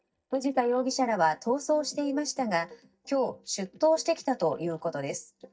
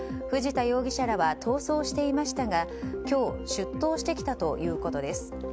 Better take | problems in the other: second | noise reduction (neural mask model DeepFilterNet 3)

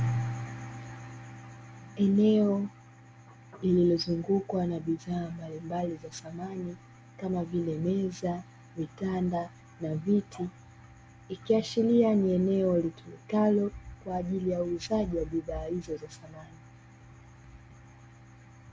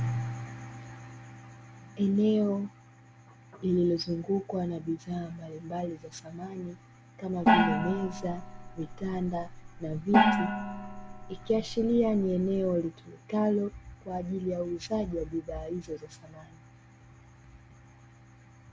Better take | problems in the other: first | background sound (Gong); 2 dB above the speech

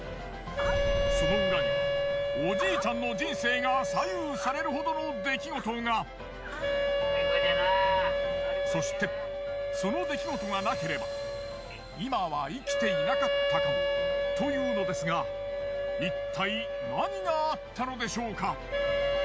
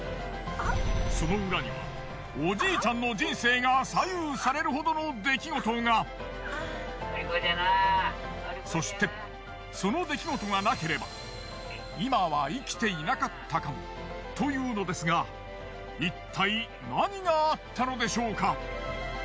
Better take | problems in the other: second | background sound (Wind instrument, woodwind instrument); 2 dB above the speech

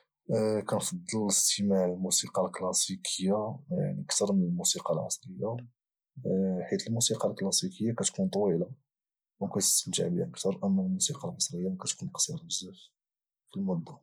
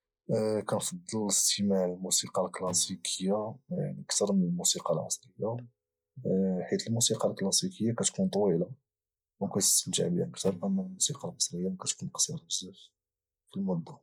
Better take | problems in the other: first | noise reduction (neural mask model DeepFilterNet 3)

